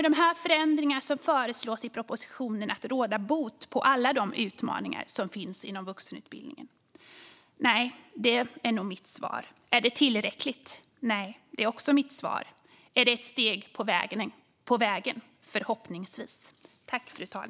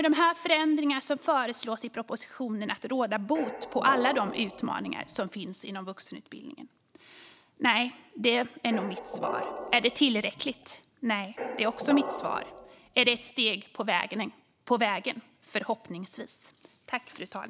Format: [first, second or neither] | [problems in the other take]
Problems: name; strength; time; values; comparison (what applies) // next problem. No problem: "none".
first | background sound (Squeak); 8 dB below the speech